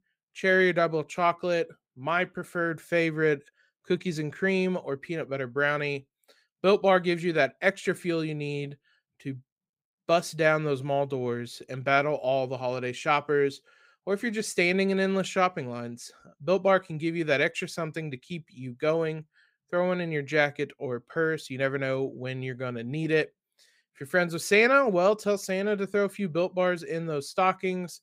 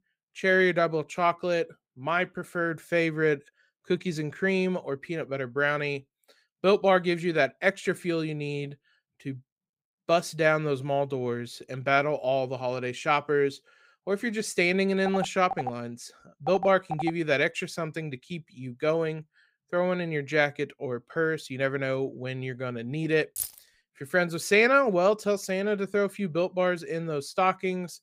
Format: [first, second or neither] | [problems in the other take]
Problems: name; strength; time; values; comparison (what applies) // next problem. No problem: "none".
first | phone ringing; noticeable; from 15 to 17 s; peak 8 dB below the speech // jangling keys; noticeable; at 23 s; peak 6 dB below the speech